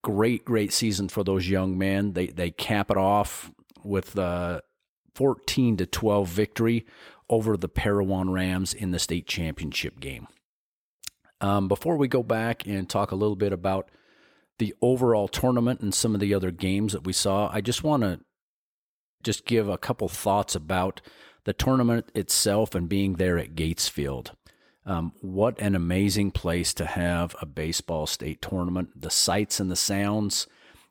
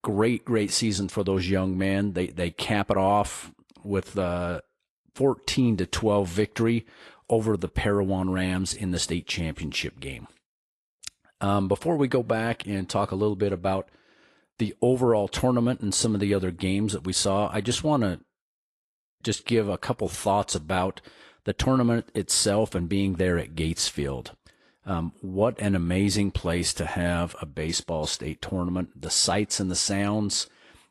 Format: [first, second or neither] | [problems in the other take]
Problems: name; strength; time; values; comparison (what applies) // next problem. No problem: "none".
first | garbled, watery; slightly